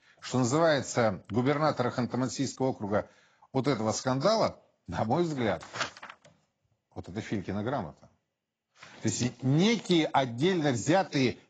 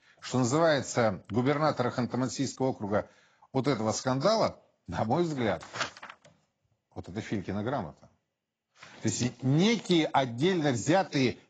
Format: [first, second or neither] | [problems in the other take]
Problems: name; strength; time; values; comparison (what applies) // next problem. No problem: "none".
neither | garbled, watery; badly; nothing above 7.5 kHz; the same in both